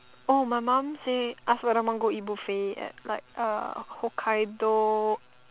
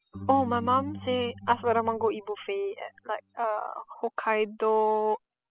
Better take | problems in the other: first | noise reduction (classical method spectral subtraction)

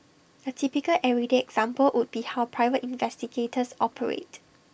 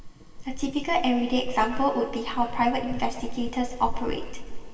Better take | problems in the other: first | background sound (Thunder / Wind / Bird vocalization, bird call, bird song); 4 dB below the speech // room echo; dies away in 2.5 s

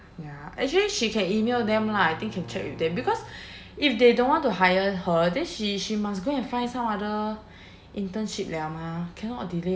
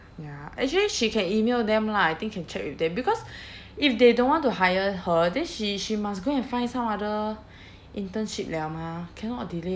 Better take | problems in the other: second | background sound (Bowed string instrument); 17 dB below the speech // room echo; dies away in 0.6 s

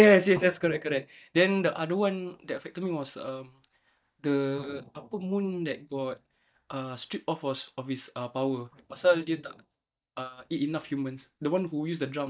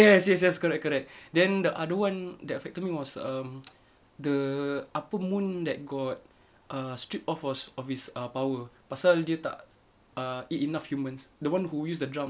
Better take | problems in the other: second | noise reduction (neural mask model DeepFilterNet 3)

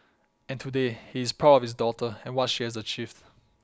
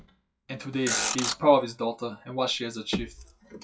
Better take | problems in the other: first | noise reduction (classical method WPE with log-MMSE)

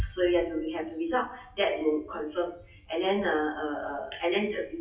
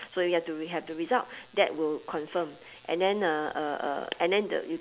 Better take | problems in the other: second | noise reduction (classical method WPE with log-MMSE)

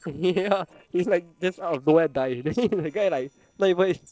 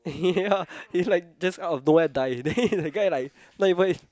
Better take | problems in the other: second | noise reduction (neural separator model SepFormer DNS4)

